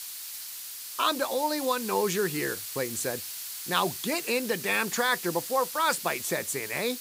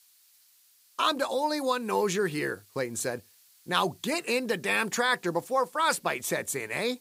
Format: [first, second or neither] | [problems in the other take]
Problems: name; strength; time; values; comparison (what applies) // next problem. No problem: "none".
second | hiss; loud; throughout; 7 dB below the speech; faint in the second